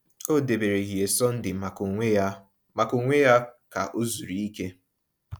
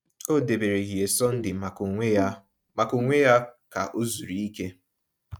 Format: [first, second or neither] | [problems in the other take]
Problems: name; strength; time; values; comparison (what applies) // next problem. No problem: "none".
first | noise reduction (neural mask model RNNoise)